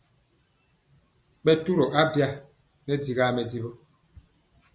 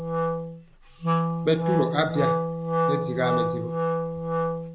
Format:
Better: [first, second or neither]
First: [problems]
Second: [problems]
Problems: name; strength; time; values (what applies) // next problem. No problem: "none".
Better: first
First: none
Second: background sound (Wind instrument, woodwind instrument); 4 dB above the speech